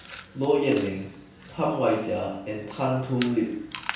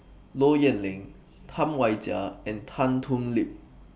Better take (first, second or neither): second